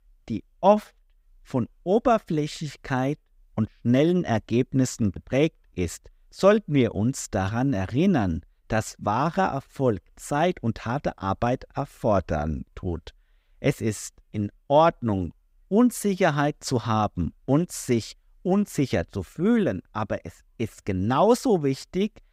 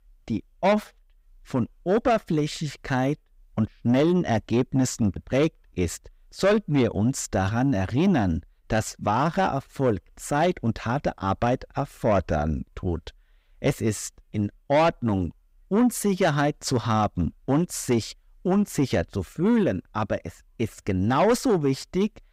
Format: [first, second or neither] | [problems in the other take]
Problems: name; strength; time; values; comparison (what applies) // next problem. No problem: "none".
first | distortion; slight; 10 dB below the speech